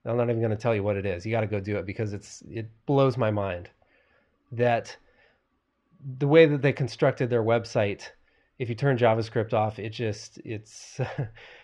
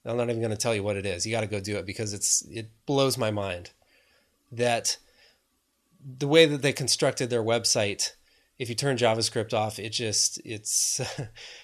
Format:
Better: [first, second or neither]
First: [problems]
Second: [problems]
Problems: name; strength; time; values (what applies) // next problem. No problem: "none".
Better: second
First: muffled; very; fading above 1.5 kHz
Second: none